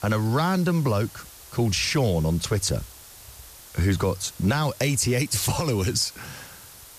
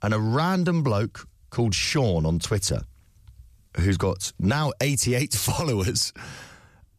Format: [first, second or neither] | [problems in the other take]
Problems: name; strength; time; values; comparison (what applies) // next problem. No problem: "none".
second | hiss; noticeable; throughout; 20 dB below the speech